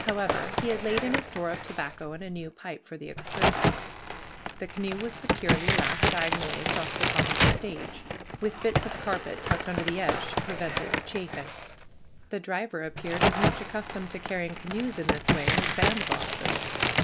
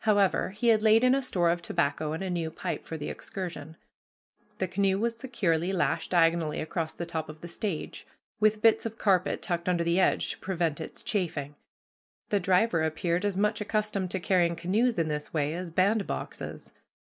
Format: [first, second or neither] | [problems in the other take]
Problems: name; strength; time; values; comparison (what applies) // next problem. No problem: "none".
second | background sound (Crack); 4 dB above the speech